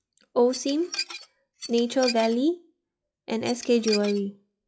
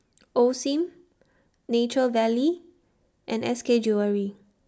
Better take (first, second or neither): second